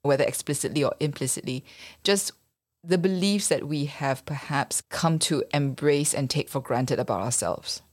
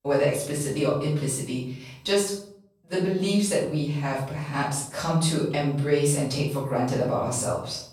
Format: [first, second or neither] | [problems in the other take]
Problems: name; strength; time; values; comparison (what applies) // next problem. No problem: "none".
first | off-mic speech; far // room echo; noticeable; dies away in 0.6 s